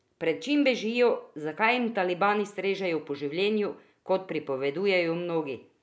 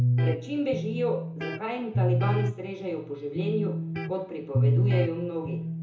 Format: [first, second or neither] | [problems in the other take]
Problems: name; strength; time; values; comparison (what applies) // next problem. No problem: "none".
first | background sound (Electric guitar); 4 dB above the speech // room echo; dies away in 0.5 s